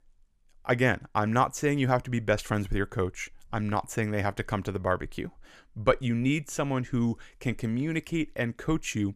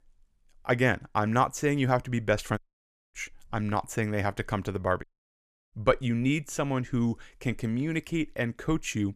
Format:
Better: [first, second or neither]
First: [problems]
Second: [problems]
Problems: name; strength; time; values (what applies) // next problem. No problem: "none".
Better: first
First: none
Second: audio cutting out; at 2.5 s for 0.5 s and at 5 s for 0.5 s